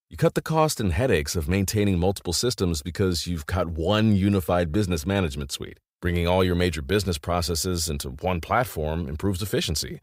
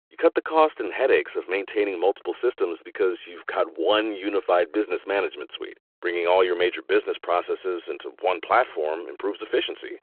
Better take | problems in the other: first | phone-call audio

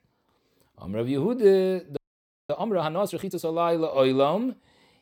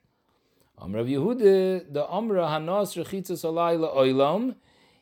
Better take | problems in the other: second | audio freezing; at 2 s for 0.5 s

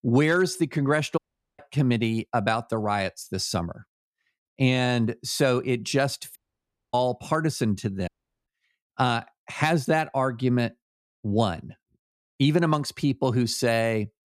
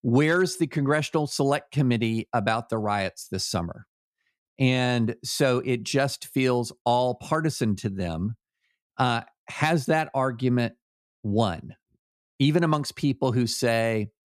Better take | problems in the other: second | audio cutting out; at 1 s, at 6.5 s for 0.5 s and at 8 s

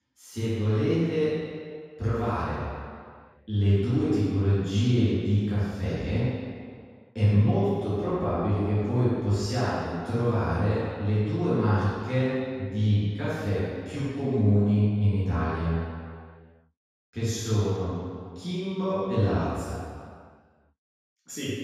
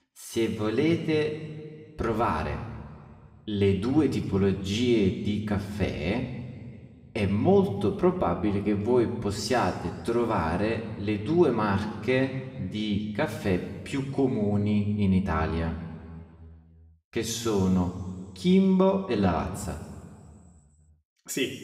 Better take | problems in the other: second | room echo; strong; dies away in 1.8 s; slight in the second // off-mic speech; far; somewhat distant in the second

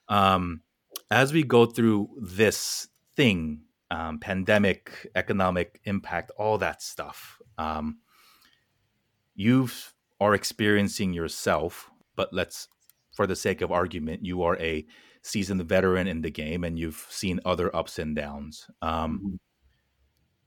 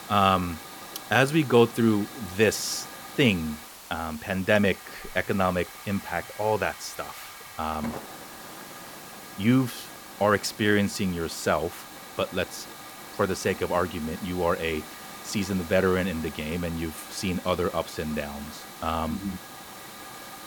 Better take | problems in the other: first | hiss; noticeable; throughout; 15 dB below the speech

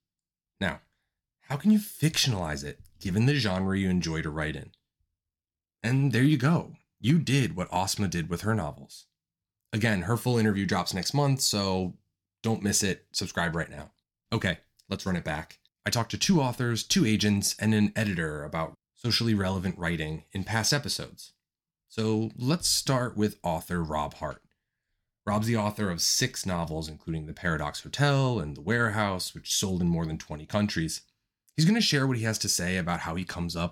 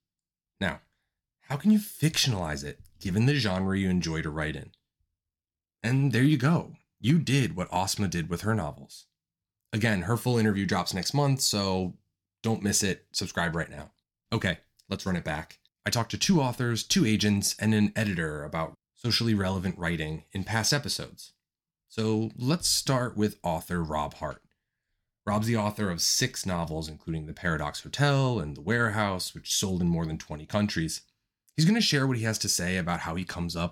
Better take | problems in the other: neither | none

